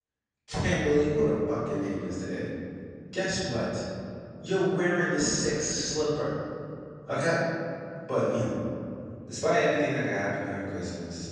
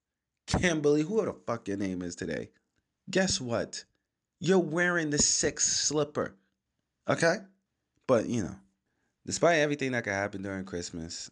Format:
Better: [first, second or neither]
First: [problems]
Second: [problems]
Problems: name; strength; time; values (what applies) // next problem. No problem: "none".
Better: second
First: room echo; strong; dies away in 2.6 s // off-mic speech; far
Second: none